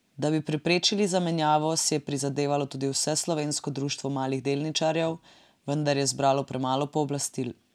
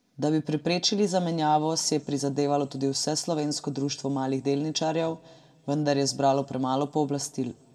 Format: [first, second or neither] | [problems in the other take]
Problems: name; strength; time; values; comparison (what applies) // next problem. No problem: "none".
first | room echo; dies away in 0.2 s